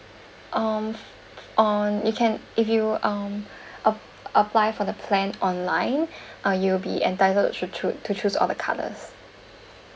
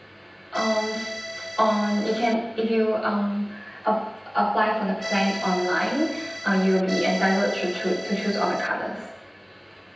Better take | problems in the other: first | background sound (Accordion); 8 dB below the speech // room echo; dies away in 0.9 s

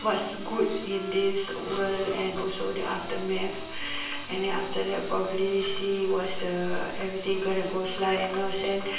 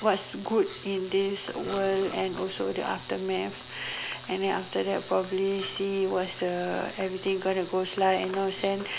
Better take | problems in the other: second | background sound (Wind instrument, woodwind instrument); 16 dB below the speech // room echo; dies away in 0.7 s

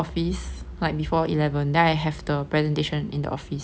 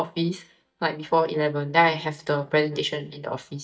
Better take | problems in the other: first | noise reduction (neural mask model DeepFilterNet 3)

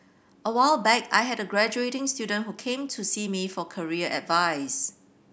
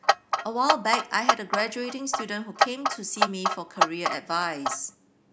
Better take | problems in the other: first | background sound (Clock); 3 dB above the speech

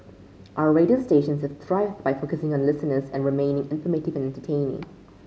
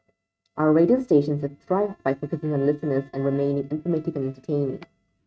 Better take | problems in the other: first | noise reduction (neural mask model RNNoise)

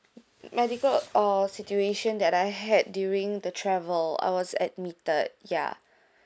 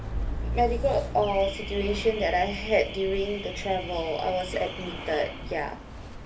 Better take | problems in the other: first | background sound (Alarm / Car); 6 dB below the speech // room echo; dies away in 0.3 s

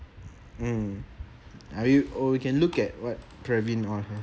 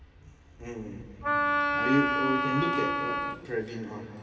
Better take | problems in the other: first | background sound (Wind instrument, woodwind instrument); 4 dB above the speech // room echo; dies away in 2.5 s

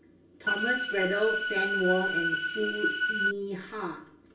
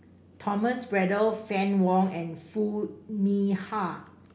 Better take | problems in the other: second | background sound (Organ); 3 dB above the speech // room echo; dies away in 0.2 s

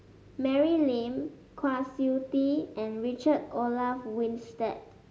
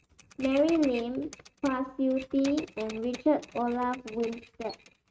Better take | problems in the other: first | noise reduction (neural mask model RNNoise)

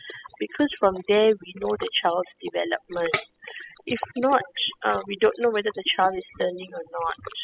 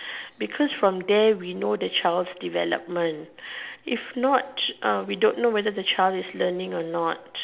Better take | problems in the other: second | noise reduction (classical method spectral subtraction)

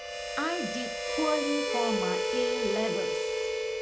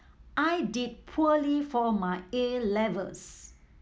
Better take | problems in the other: second | background sound (Harmonica); 3 dB above the speech

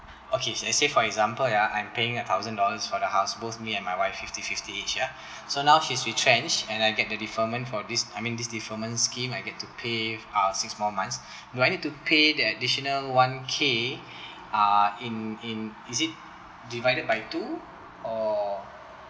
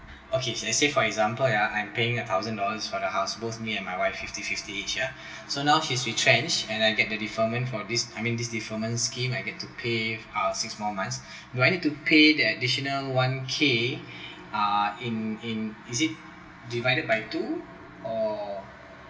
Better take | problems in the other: first | room echo; dies away in 0.1 s

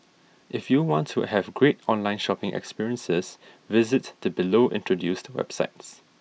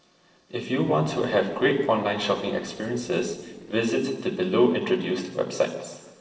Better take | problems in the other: first | noise reduction (neural separator model SepFormer DNS4)

